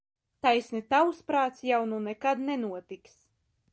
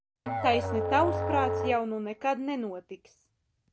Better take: first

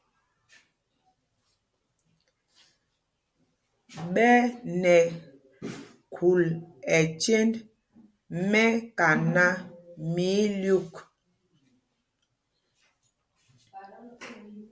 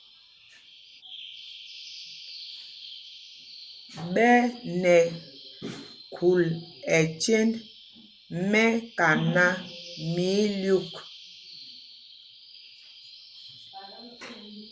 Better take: first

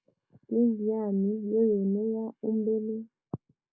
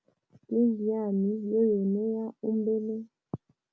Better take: second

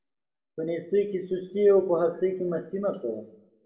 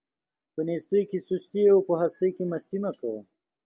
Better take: second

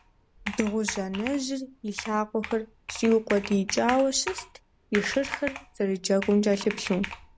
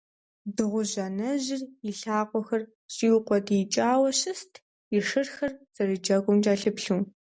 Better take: second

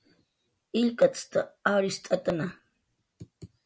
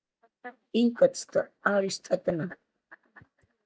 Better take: first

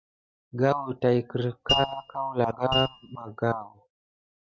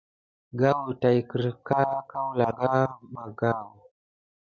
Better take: second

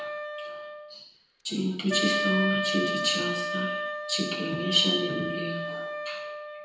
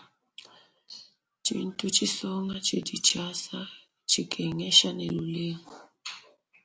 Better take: second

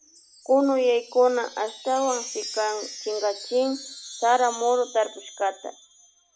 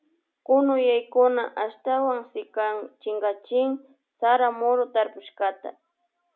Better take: second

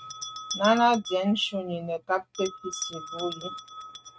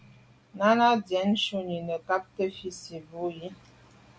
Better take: second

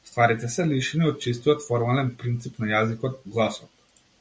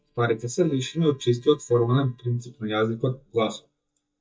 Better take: first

